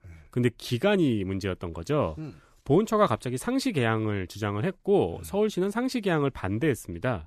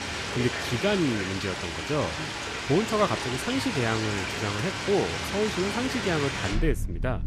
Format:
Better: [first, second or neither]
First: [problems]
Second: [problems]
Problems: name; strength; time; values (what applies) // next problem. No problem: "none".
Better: first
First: none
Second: rain or running water; loud; throughout; 2 dB below the speech